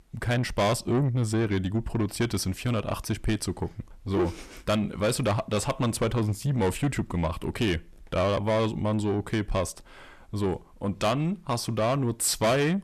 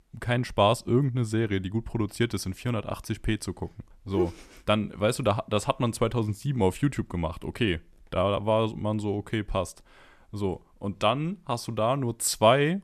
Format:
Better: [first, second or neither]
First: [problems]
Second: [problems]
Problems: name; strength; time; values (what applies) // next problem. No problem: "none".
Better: second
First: distortion; heavy; 8 dB below the speech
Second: none